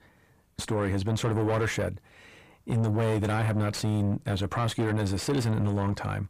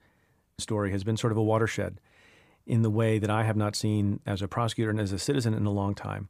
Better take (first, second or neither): second